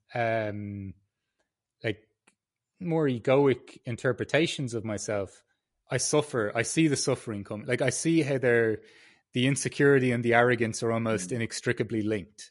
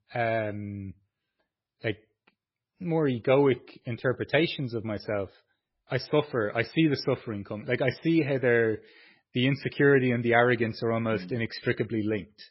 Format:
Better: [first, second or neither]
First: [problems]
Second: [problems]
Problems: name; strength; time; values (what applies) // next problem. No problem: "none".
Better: first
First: garbled, watery; slightly; nothing above 11 kHz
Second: garbled, watery; badly; nothing above 5.5 kHz